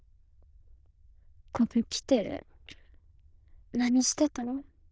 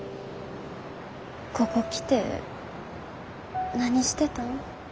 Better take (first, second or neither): second